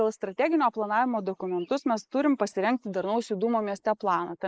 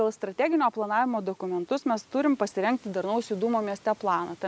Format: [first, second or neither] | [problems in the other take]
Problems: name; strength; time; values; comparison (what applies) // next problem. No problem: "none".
second | noise reduction (neural mask model Resemble Enhance denoiser)